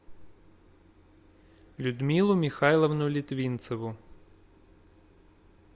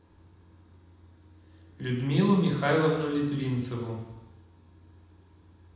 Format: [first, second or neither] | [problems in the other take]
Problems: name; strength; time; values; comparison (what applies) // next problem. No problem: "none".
first | room echo; dies away in 1 s